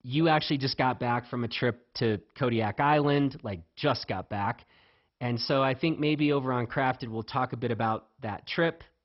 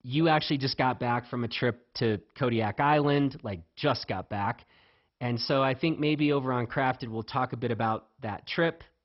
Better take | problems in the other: neither | garbled, watery; badly; nothing above 5.5 kHz; the same in both

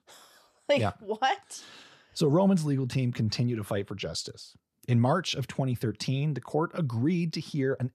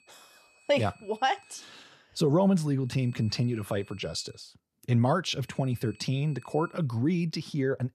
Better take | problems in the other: first | high-pitched whine; faint; until 1.5 s, from 3 to 4.5 s and from 5.5 to 6.5 s; 2.5 kHz, 30 dB below the speech

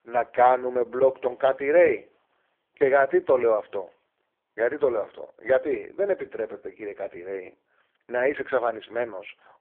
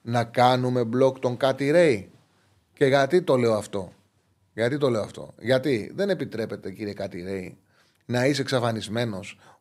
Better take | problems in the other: second | phone-call audio; poor line; nothing above 3.5 kHz

